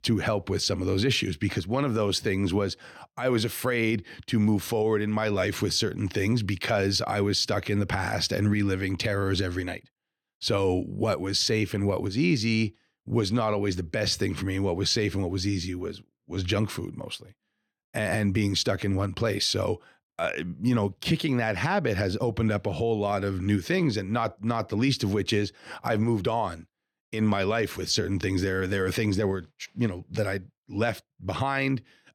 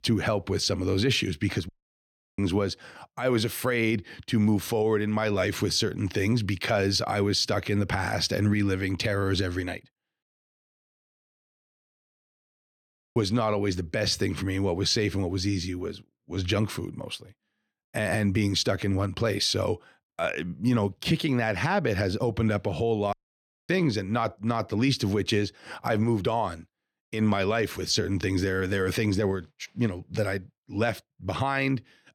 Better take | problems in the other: first | audio cutting out; at 1.5 s for 0.5 s, at 10 s for 3 s and at 23 s for 0.5 s

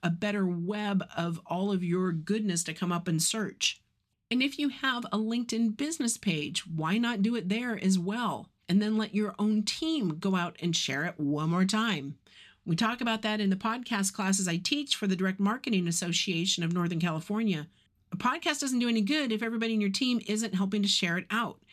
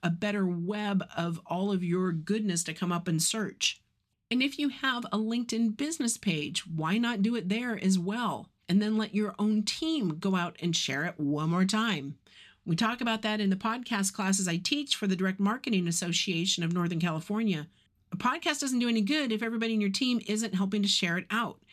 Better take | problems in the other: neither | none

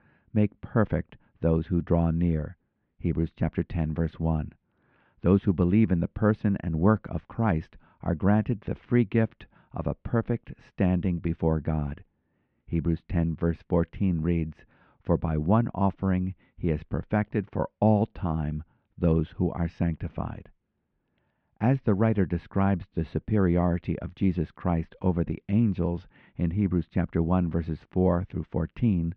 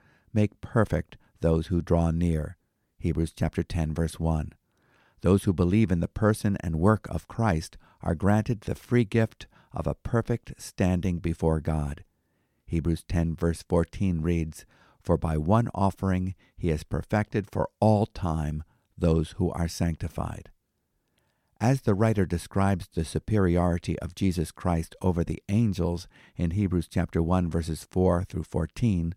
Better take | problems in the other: second | muffled; very; fading above 3 kHz

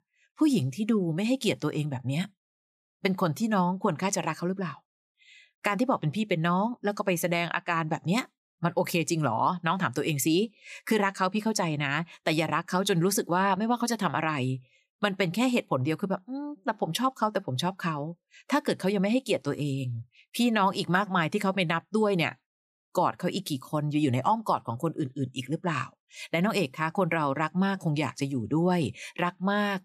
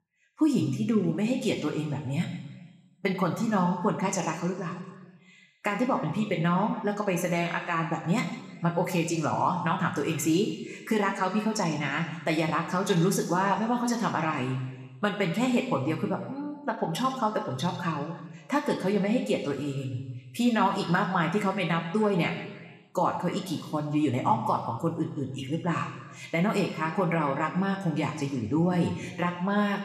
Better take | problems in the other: first | room echo; noticeable; dies away in 1.3 s // off-mic speech; somewhat distant

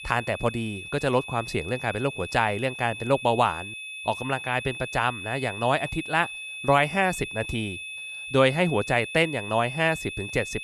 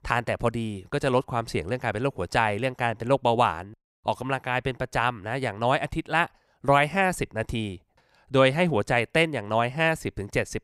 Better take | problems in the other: second | high-pitched whine; loud; throughout; 2.5 kHz, 9 dB below the speech

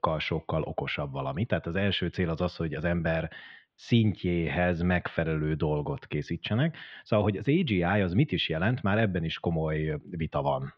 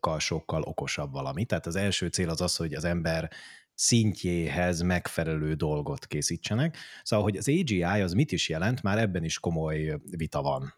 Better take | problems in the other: second | muffled; very; fading above 3.5 kHz

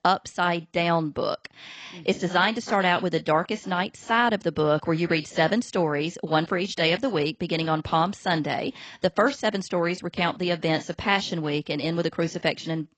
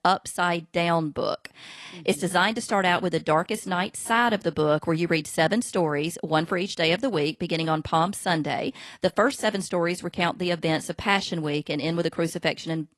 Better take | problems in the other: second | garbled, watery; badly; nothing above 8 kHz; slightly in the second

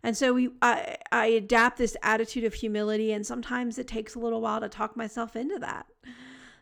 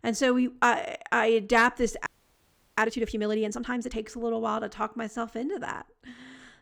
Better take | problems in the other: first | audio freezing; at 2 s for 0.5 s

